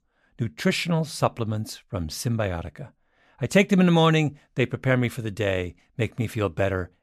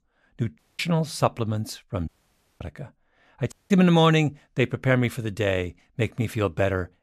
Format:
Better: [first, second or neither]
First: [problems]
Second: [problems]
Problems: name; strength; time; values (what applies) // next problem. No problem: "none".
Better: first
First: none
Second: audio cutting out; at 0.5 s, at 2 s for 0.5 s and at 3.5 s